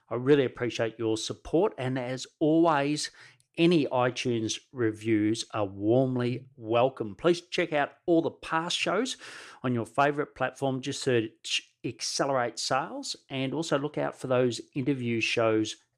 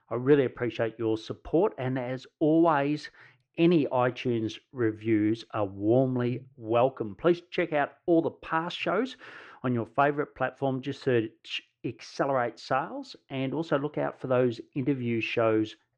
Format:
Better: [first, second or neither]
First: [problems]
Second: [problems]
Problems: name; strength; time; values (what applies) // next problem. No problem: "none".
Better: first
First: none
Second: muffled; slightly; fading above 2.5 kHz